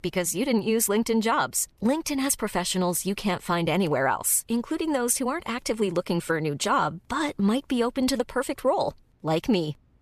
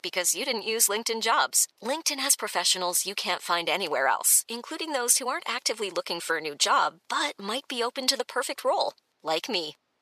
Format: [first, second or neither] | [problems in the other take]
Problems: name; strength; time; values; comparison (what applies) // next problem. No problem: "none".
first | thin; very; fading below 600 Hz